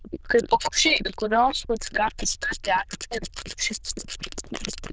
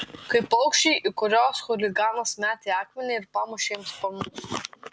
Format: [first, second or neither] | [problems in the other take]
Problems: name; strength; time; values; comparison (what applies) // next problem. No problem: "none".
second | noise reduction (neural diffusion model UNIVERSE++)